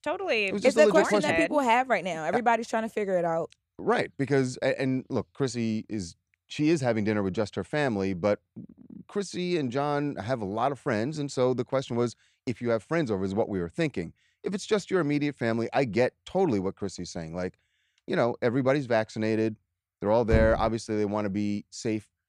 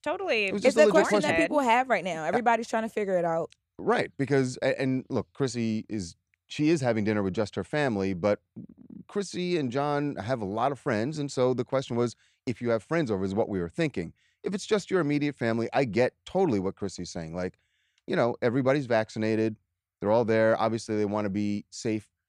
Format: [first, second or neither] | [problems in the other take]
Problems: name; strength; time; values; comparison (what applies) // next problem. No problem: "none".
second | door banging; noticeable; at 20 s; peak 2 dB below the speech